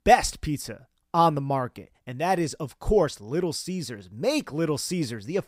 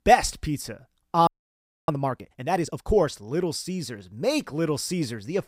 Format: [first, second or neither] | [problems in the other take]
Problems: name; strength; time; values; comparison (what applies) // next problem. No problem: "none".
first | audio freezing; at 1.5 s for 0.5 s